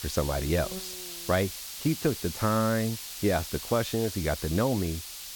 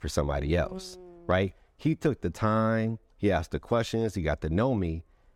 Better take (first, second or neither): second